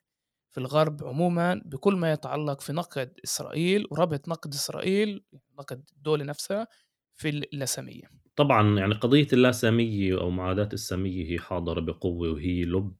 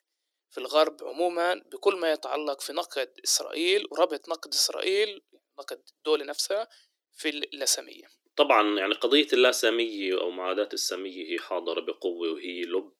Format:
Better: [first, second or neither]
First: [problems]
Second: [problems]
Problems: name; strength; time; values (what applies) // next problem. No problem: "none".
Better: first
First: none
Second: thin; very; fading below 300 Hz